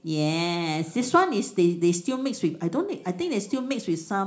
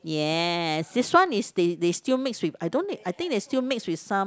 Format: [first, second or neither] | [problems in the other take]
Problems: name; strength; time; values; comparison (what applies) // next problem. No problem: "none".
second | room echo; dies away in 0.4 s